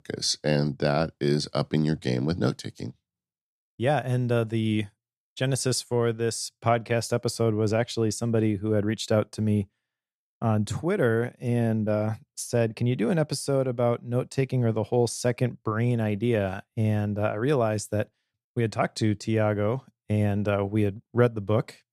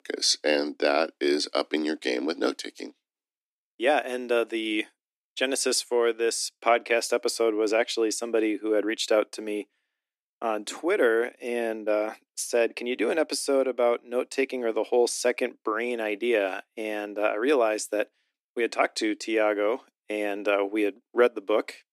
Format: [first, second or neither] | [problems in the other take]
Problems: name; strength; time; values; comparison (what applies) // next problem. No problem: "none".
first | thin; somewhat; fading below 250 Hz